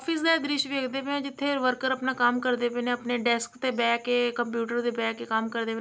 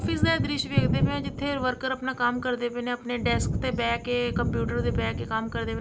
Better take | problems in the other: first | background sound (Thunder); 1 dB below the speech

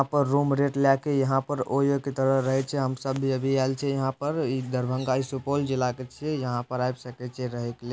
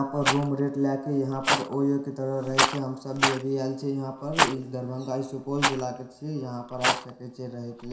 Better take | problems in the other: first | background sound (Rattle); 1 dB below the speech // room echo; dies away in 0.7 s

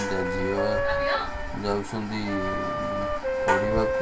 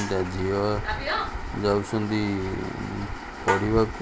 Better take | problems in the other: second | background sound (Wind instrument, woodwind instrument); as loud as the speech // room echo; dies away in 0.2 s

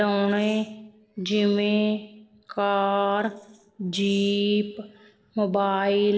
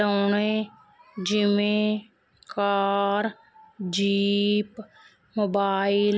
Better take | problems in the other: second | noise reduction (neural separator model SepFormer DNS4)

